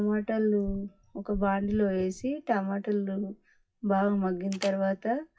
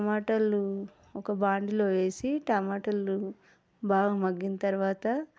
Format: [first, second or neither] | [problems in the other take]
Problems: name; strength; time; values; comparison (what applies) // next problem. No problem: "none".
second | noise reduction (classical method WPE with log-MMSE)